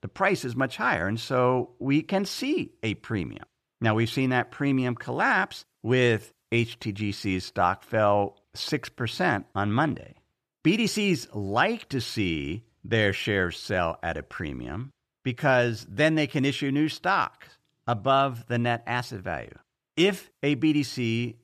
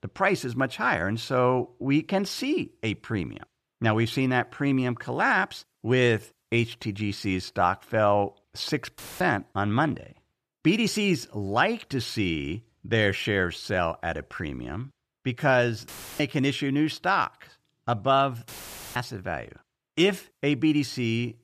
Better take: first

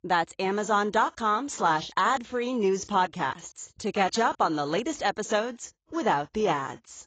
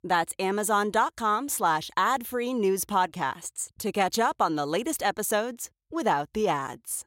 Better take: second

